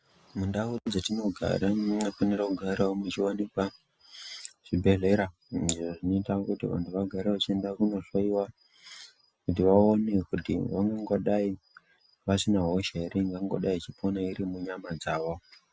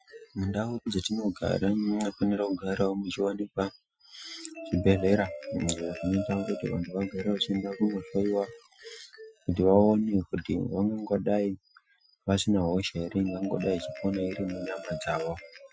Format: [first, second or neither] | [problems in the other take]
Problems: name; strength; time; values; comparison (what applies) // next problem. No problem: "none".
first | noise reduction (classical method Wiener filter)